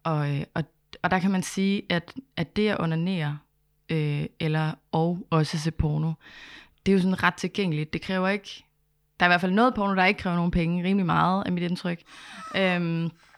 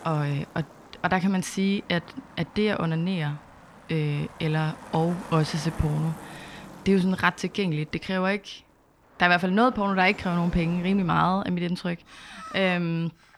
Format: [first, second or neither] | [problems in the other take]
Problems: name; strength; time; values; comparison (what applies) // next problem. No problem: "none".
first | traffic noise; noticeable; throughout; 20 dB below the speech